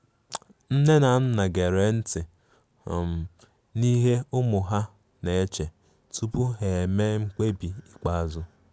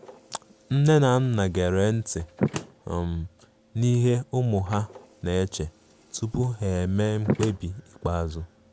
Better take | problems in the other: first | background sound (Slam); 12 dB below the speech

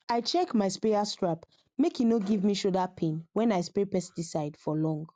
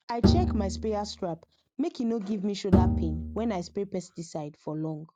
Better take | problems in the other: first | background sound (Bowed string instrument); 4 dB above the speech

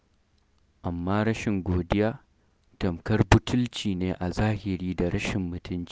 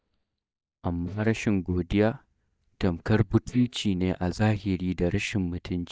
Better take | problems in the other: first | noise reduction (neural mask model DeepFilterNet 3)

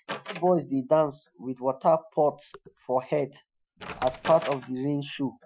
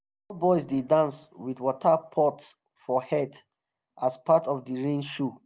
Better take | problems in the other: second | noise reduction (classical method Wiener filter)

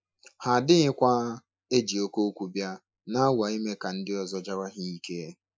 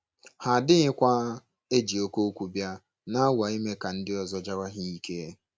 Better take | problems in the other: second | noise reduction (classical method Wiener filter)

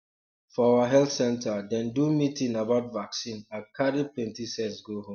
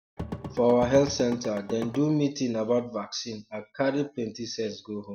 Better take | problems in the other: first | background sound (Drum / Drum kit); 10 dB below the speech

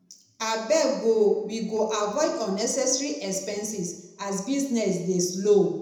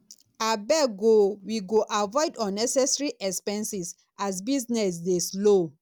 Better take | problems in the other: second | room echo; dies away in 0.8 s

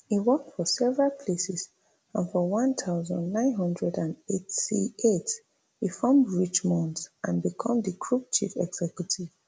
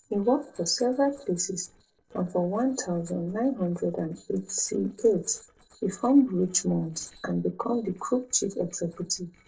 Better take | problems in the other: first | noise reduction (neural separator model SepFormer DNS4)

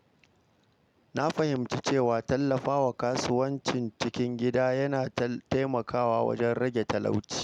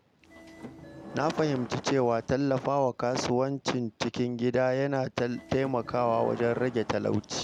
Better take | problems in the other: first | background sound (Subway, metro, underground / Sliding door); 16 dB below the speech

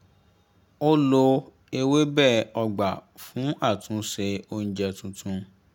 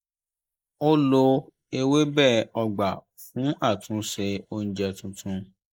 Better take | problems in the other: first | noise reduction (neural mask model Resemble Enhance denoiser)

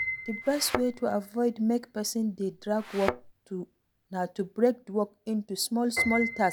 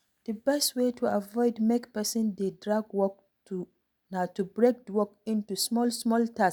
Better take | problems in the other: second | background sound (Piano + Thump, thud); 8 dB below the speech

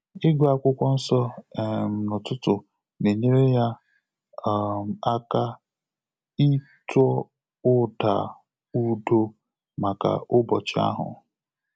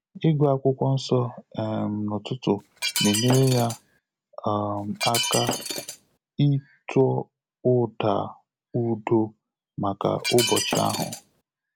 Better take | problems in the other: first | background sound (Shatter); 4 dB below the speech

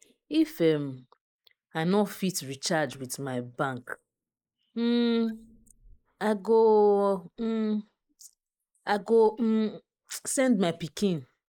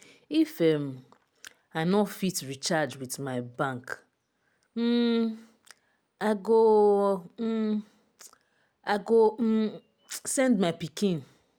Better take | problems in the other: second | noise reduction (neural mask model Resemble Enhance denoiser)

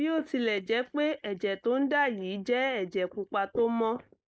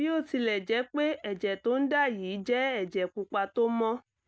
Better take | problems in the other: second | noise reduction (neural mask model Resemble Enhance denoiser)

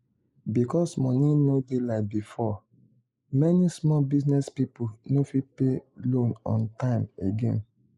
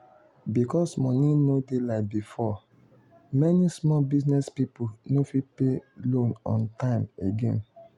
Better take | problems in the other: second | noise reduction (neural mask model Resemble Enhance denoiser)

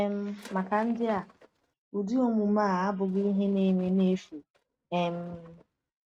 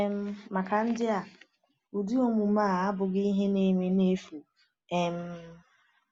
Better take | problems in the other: second | noise reduction (neural mask model RNNoise)

